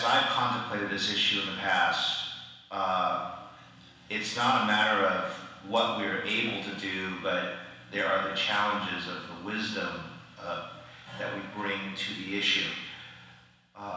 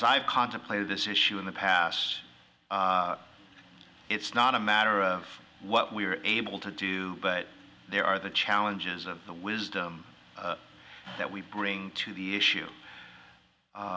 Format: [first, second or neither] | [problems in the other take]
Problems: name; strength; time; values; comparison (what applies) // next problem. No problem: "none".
second | room echo; dies away in 1.1 s